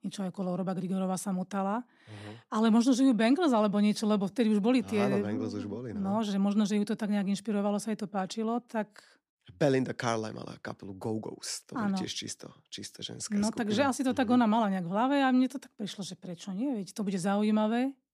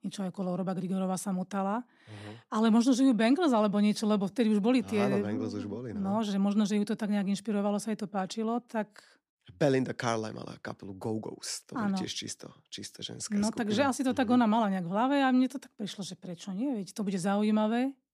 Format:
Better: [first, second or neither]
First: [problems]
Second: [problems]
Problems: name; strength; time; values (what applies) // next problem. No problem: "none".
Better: neither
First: none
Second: none